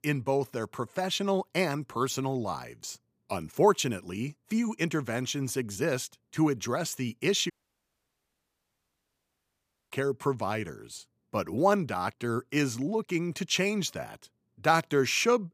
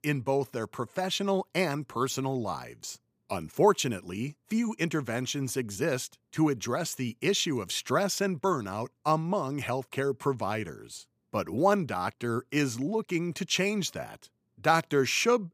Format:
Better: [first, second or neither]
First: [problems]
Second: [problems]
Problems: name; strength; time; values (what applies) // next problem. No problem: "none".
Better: second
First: audio cutting out; at 7.5 s for 2.5 s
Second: none